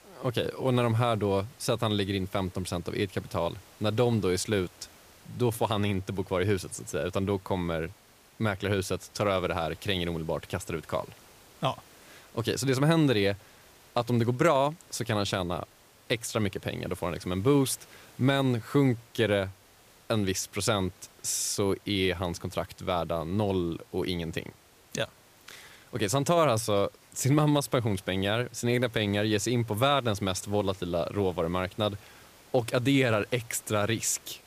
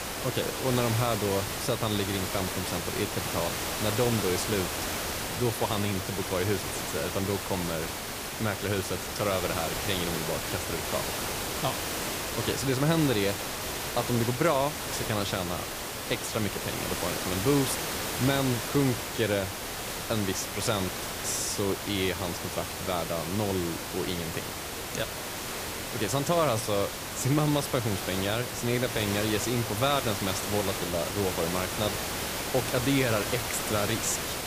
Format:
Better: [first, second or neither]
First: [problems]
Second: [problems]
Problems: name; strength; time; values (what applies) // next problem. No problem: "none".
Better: first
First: hiss; faint; throughout; 25 dB below the speech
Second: hiss; loud; throughout; 2 dB below the speech